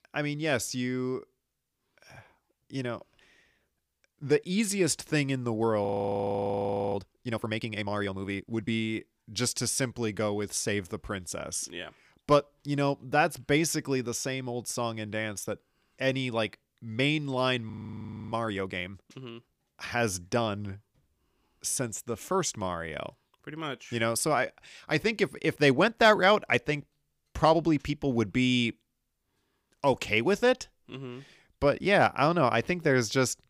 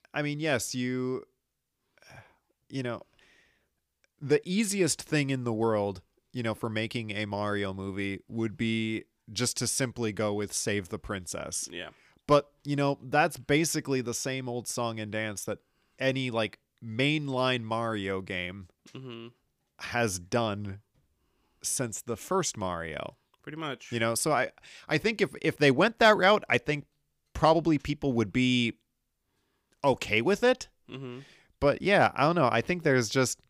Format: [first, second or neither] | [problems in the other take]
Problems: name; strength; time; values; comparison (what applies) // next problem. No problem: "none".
second | audio freezing; at 6 s for 1 s and at 18 s for 0.5 s